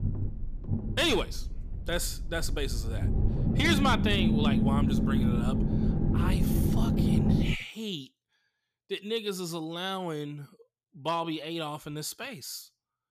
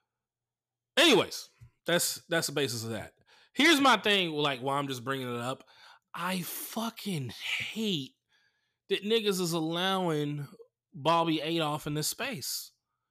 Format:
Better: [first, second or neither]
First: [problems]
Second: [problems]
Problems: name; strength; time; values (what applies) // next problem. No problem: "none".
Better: second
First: low rumble; loud; until 7.5 s; 3 dB below the speech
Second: none